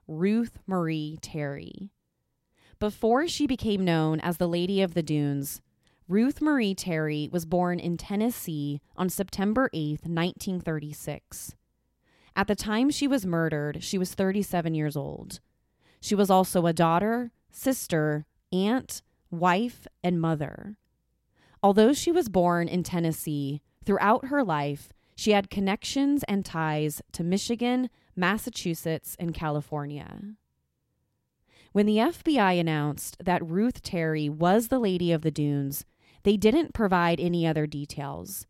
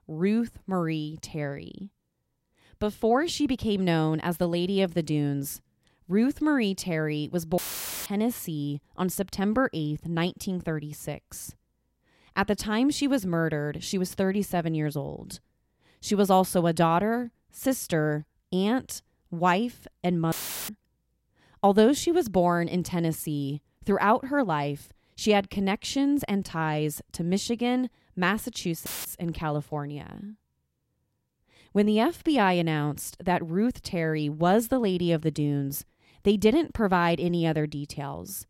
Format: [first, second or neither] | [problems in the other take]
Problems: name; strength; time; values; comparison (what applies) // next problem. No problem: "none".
first | audio cutting out; filled with static; at 7.5 s, at 20 s and at 29 s